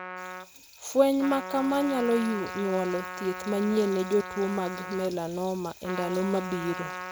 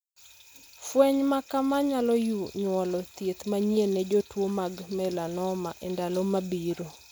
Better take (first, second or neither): second